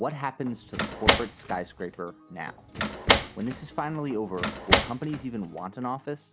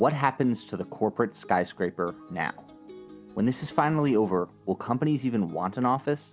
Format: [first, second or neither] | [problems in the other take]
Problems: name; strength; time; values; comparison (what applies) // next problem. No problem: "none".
second | background sound (Slam); 5 dB above the speech